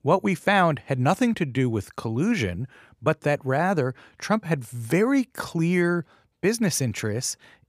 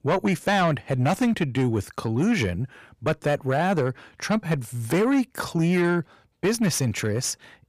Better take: first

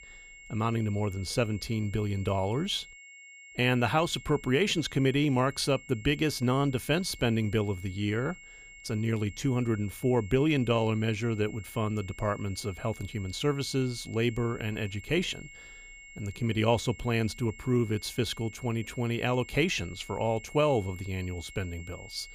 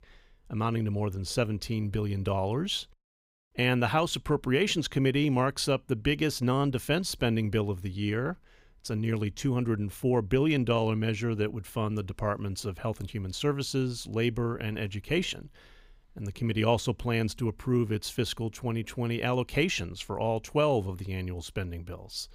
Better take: second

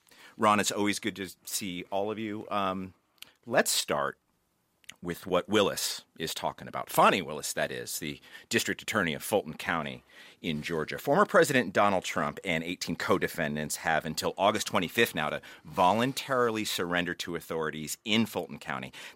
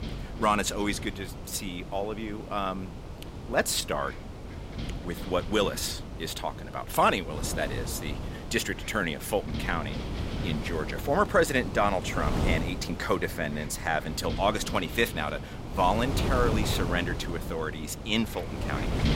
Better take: first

